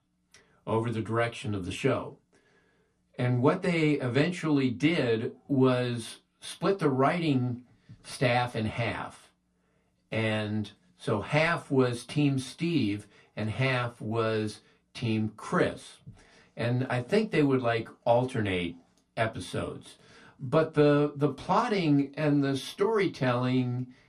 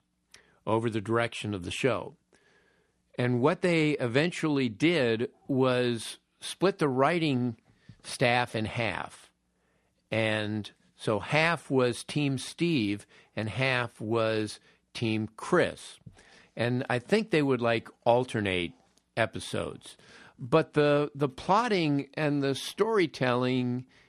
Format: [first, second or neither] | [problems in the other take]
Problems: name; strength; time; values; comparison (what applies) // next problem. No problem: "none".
second | off-mic speech; somewhat distant // room echo; very slight; dies away in 0.2 s